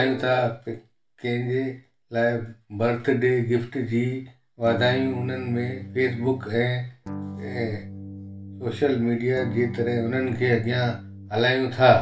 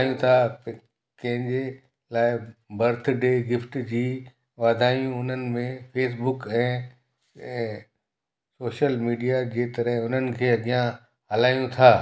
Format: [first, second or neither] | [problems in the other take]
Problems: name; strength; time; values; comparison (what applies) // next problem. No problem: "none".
second | background sound (Electric guitar / Strum); 12 dB below the speech // room echo; dies away in 0.2 s